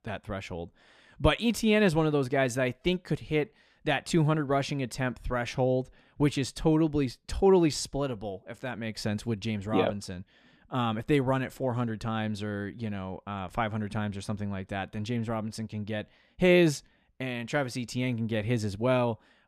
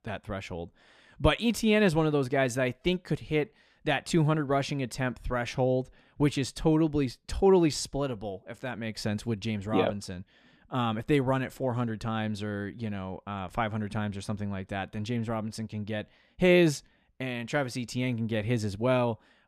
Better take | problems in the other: neither | none

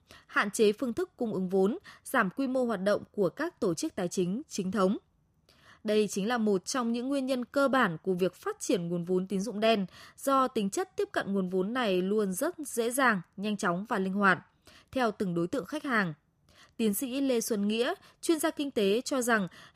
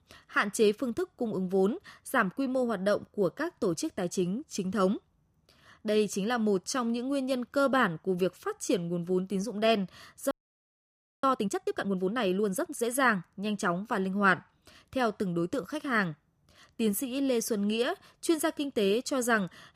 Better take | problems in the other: first | audio freezing; at 10 s for 1 s

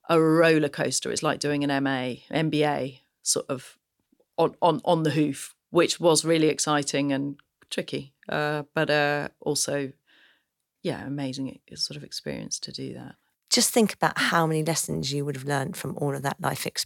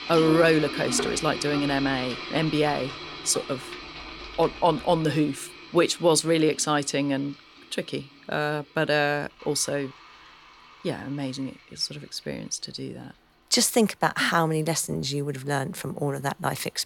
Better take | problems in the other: first | household noises; loud; throughout; 10 dB below the speech

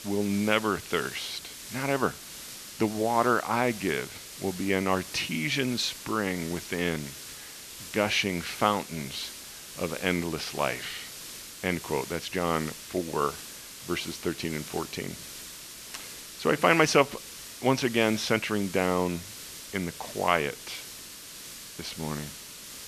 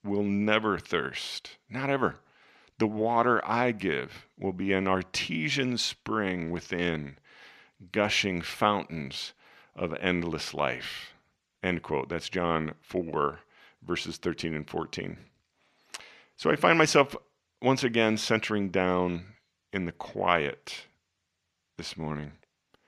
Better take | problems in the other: second | hiss; noticeable; throughout; 10 dB below the speech

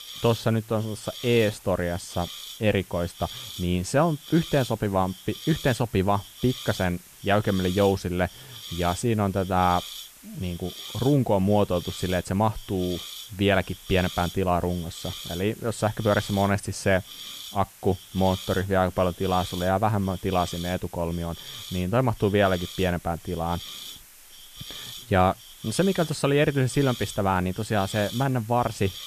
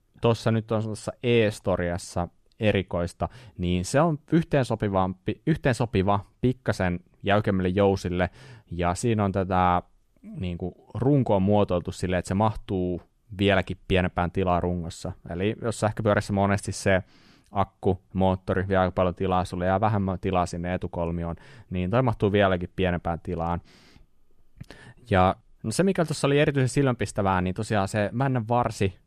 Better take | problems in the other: second | hiss; noticeable; throughout; 15 dB below the speech

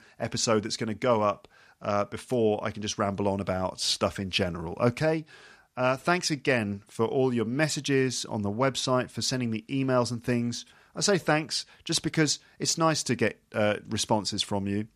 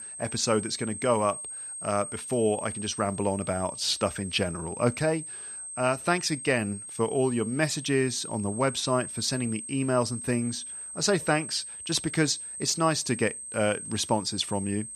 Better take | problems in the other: first | high-pitched whine; loud; throughout; 8.5 kHz, 8 dB below the speech

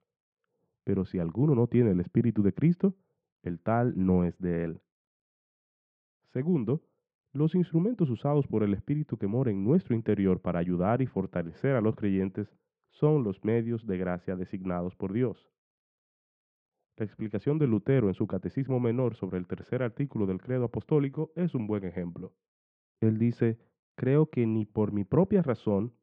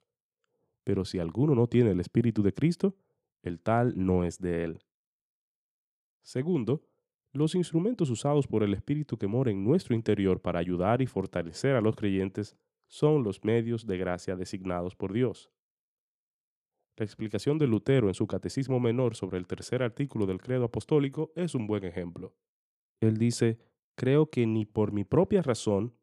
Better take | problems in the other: second | muffled; very; fading above 2.5 kHz

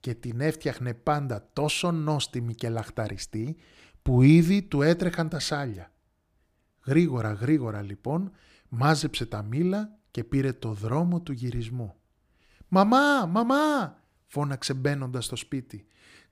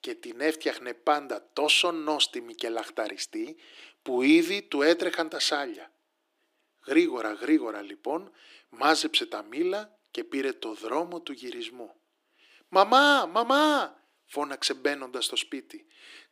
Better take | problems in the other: first | thin; somewhat; fading below 300 Hz

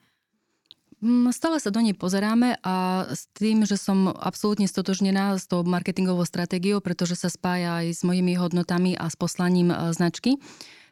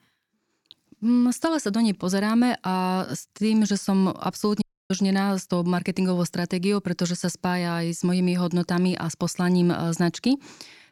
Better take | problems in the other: first | audio cutting out; at 4.5 s

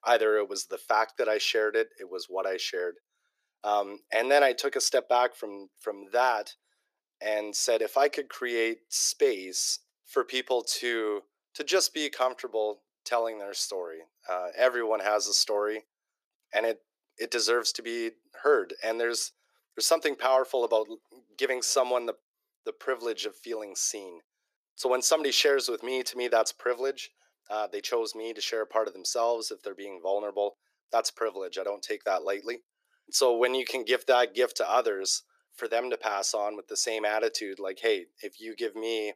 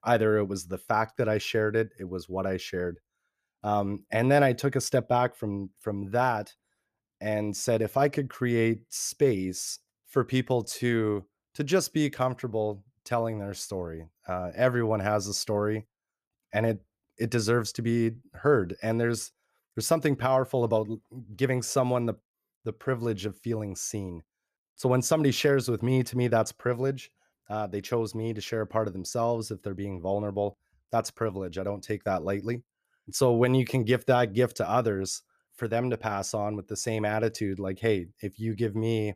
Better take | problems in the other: second | thin; very; fading below 400 Hz

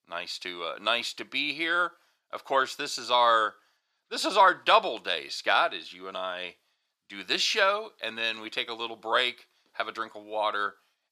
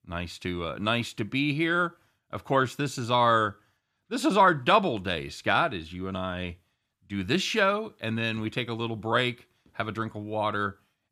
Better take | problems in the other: second | thin; very; fading below 600 Hz

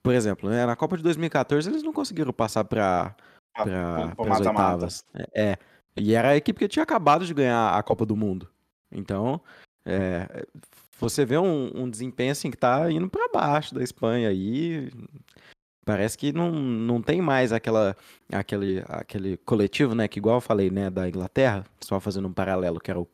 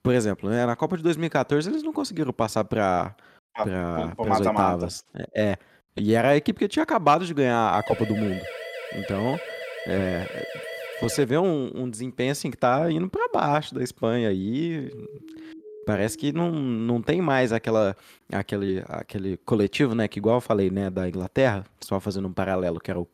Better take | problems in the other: first | siren; noticeable; from 7.5 to 11 s; peak 9 dB below the speech // siren; faint; from 15 to 16 s; peak 15 dB below the speech

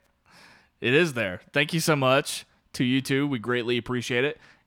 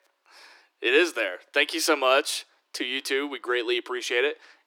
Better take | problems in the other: first | thin; very; fading below 300 Hz

